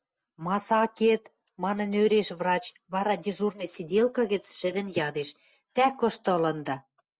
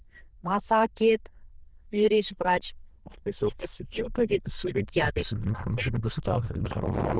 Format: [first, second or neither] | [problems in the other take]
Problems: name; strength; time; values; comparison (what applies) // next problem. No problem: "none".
first | noise reduction (neural diffusion model UNIVERSE++)